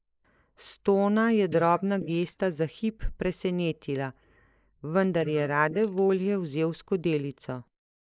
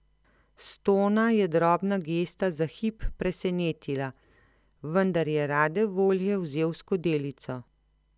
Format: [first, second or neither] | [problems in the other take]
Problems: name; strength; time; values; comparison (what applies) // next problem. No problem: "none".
second | noise reduction (neural mask model Resemble Enhance denoiser)